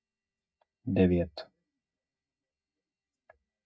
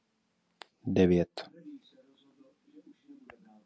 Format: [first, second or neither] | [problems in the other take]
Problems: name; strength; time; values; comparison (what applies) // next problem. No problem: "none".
second | noise reduction (neural mask model DeepFilterNet 3)